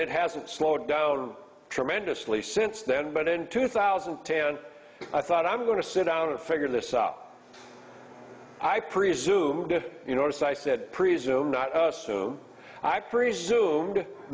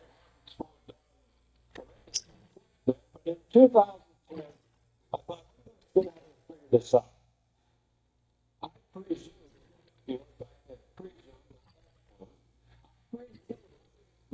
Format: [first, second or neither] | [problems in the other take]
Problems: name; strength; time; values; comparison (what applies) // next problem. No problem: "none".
first | noise reduction (neural mask model DeepFilterNet 3)